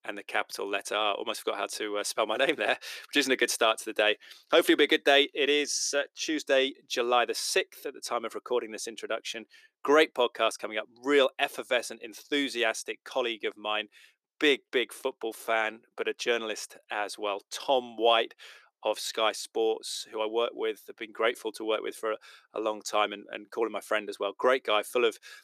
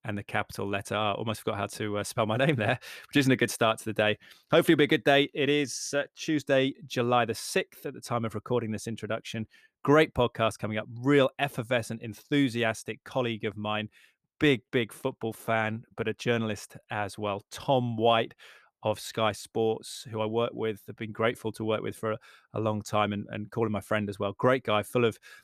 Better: second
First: thin; somewhat; fading below 350 Hz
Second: none

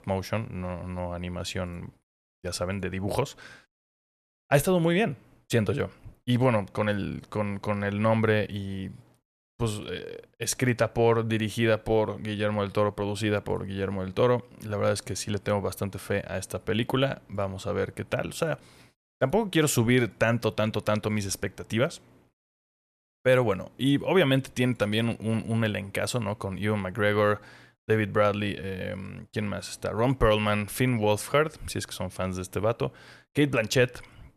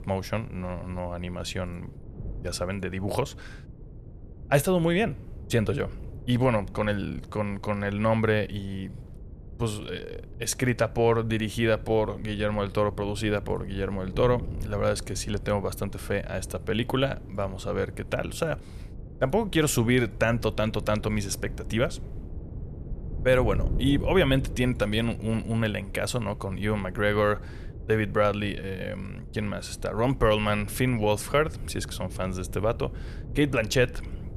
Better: first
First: none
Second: wind noise on the microphone; occasional gusts; 20 dB below the speech

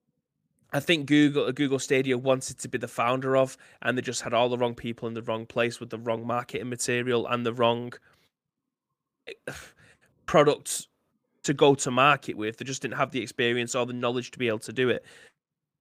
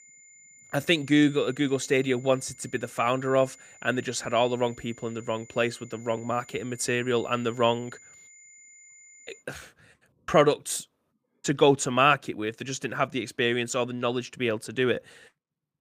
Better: first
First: none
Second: high-pitched whine; faint; until 9.5 s; 7 kHz, 25 dB below the speech

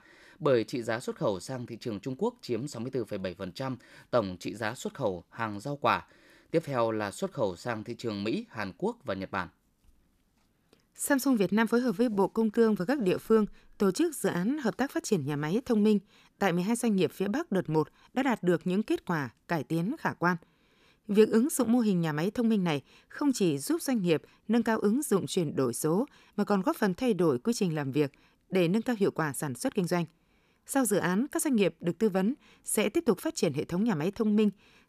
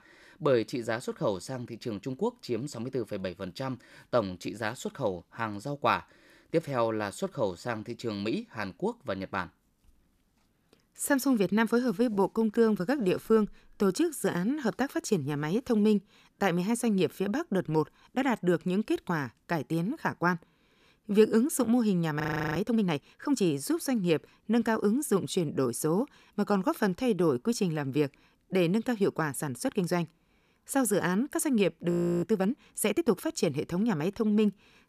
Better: first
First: none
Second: audio freezing; at 22 s and at 32 s

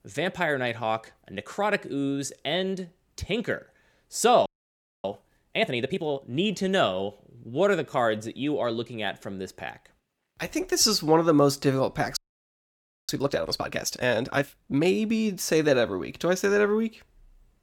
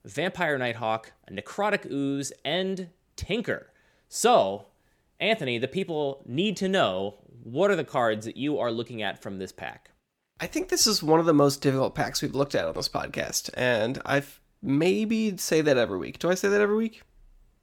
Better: second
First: audio freezing; at 4.5 s for 0.5 s and at 12 s for 1 s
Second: none

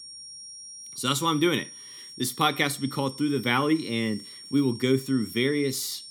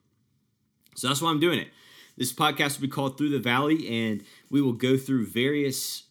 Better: second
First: high-pitched whine; noticeable; throughout; 5.5 kHz, 15 dB below the speech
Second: none

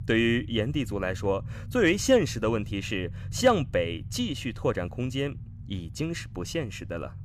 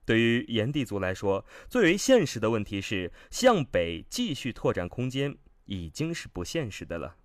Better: second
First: low rumble; faint; throughout; 25 dB below the speech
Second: none

